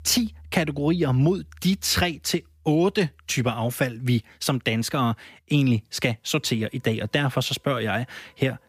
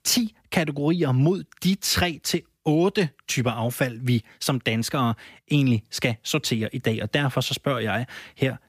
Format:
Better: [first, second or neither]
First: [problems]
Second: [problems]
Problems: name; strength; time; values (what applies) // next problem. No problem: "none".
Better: second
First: background music; faint; throughout; 25 dB below the speech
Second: none